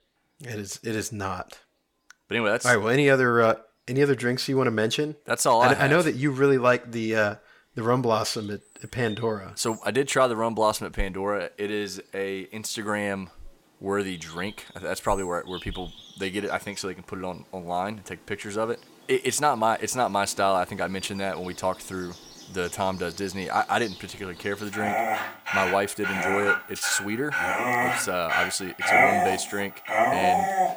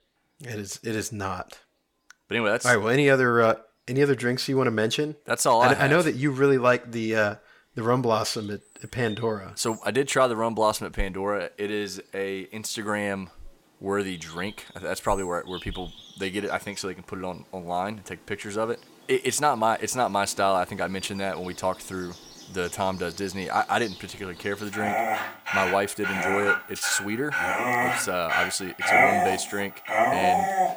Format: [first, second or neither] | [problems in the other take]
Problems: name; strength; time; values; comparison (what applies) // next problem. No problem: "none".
neither | animal sounds; very loud; throughout; as loud as the speech; the same in both